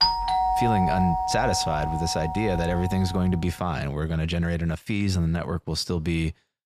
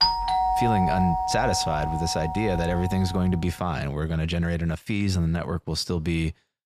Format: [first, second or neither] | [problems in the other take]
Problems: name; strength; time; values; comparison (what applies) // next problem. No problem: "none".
neither | doorbell; loud; until 3 s; peak 6 dB above the speech; the same in both